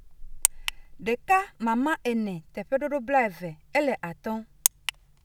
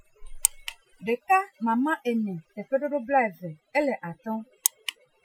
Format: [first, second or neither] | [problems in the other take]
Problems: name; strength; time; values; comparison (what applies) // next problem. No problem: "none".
first | noise reduction (classical method Wiener filter)